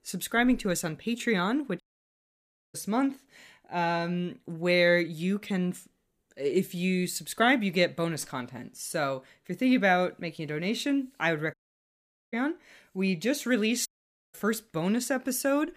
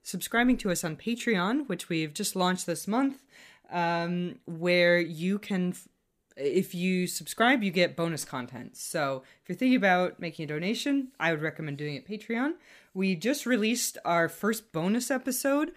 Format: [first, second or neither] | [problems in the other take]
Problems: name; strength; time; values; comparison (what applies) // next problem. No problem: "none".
second | audio cutting out; at 2 s for 1 s, at 12 s for 1 s and at 14 s